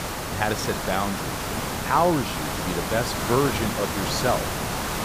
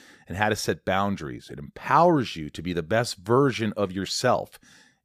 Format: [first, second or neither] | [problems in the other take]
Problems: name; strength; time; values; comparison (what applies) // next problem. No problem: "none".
second | hiss; loud; throughout; 2 dB below the speech